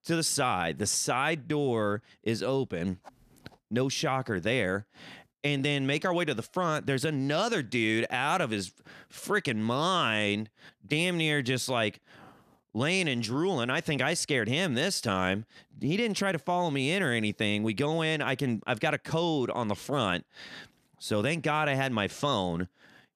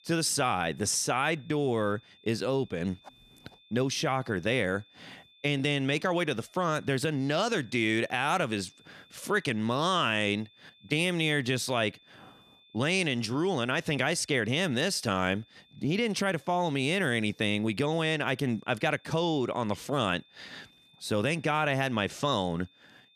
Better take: first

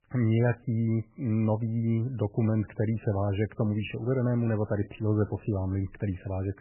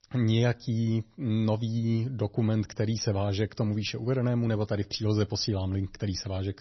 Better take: second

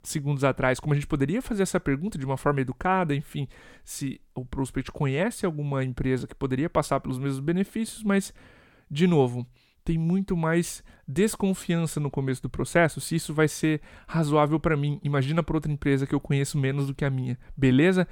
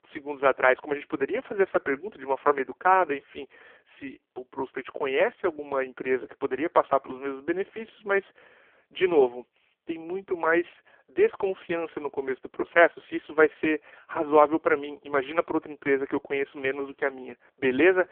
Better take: first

